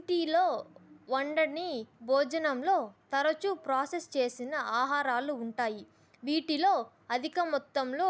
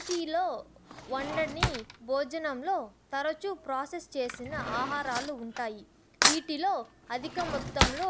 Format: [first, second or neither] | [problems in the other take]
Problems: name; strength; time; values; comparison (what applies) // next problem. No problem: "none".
first | background sound (Cutlery, silverware / Drawer open or close); 1 dB below the speech